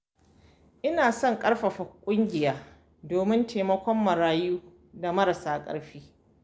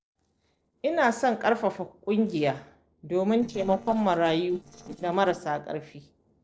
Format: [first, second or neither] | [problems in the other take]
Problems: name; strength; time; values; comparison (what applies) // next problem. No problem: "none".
first | noise reduction (neural separator model SepFormer DNS4)